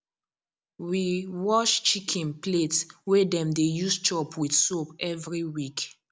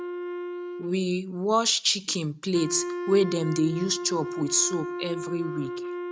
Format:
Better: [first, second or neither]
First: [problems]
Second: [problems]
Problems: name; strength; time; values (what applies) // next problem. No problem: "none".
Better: first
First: none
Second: noise reduction (neural mask model RNNoise)